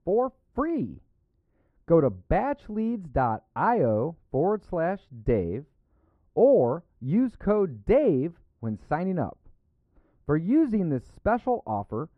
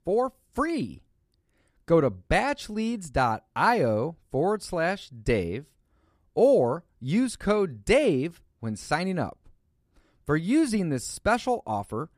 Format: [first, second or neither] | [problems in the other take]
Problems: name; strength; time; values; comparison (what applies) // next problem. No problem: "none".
second | muffled; very; fading above 2.5 kHz